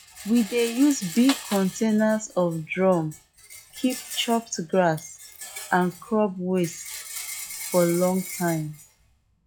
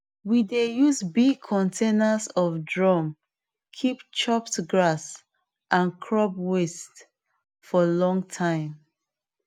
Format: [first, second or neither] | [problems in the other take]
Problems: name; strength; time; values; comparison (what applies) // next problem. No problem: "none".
second | noise reduction (classical method log-MMSE)